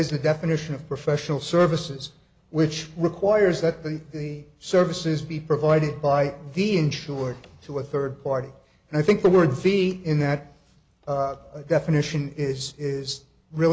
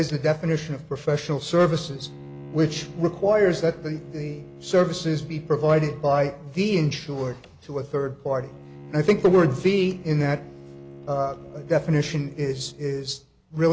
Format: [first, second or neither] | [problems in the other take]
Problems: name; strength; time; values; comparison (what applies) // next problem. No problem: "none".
first | background sound (Bowed string instrument); 19 dB below the speech